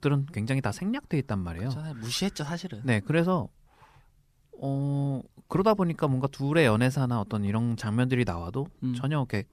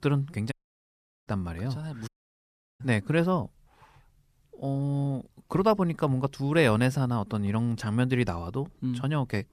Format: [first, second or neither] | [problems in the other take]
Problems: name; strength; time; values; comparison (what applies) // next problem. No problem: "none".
first | audio cutting out; at 0.5 s for 1 s and at 2 s for 0.5 s